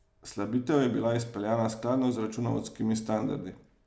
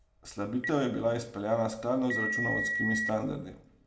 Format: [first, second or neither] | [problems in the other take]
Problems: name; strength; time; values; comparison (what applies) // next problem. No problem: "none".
first | background sound (Telephone); 4 dB below the speech // room echo; dies away in 0.3 s